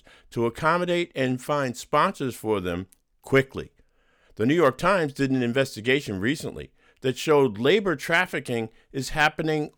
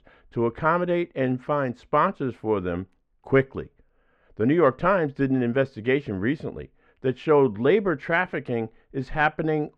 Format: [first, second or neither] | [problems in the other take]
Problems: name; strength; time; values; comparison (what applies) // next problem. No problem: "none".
first | muffled; very; fading above 1.5 kHz